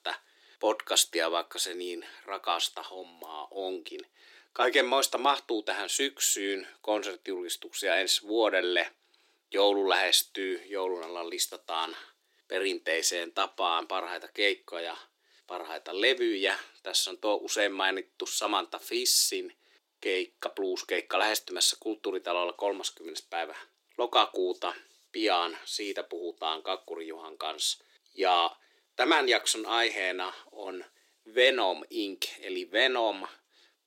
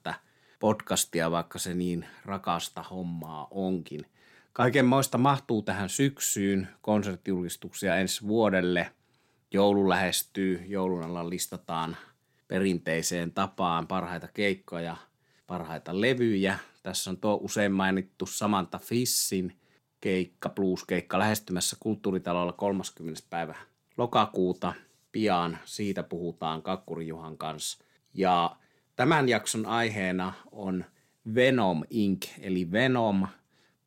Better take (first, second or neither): second